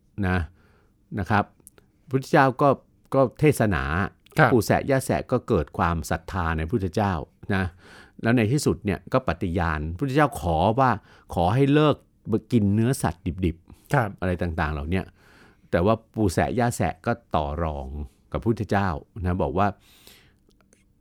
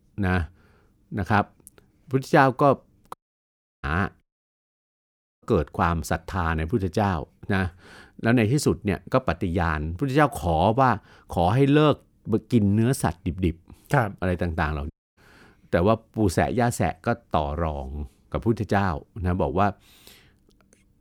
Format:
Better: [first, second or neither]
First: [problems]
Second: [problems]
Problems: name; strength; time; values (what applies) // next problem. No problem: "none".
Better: first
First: none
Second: audio cutting out; at 3 s for 0.5 s, at 4 s for 1 s and at 15 s